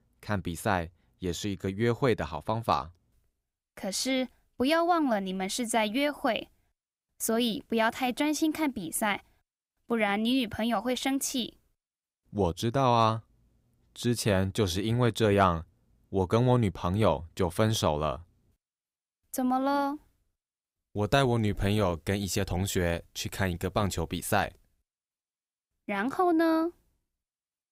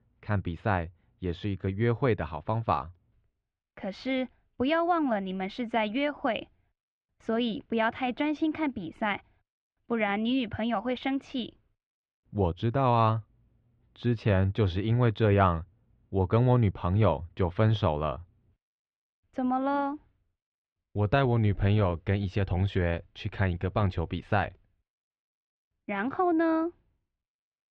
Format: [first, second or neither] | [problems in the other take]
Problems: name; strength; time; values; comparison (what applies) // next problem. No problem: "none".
first | muffled; very; fading above 3 kHz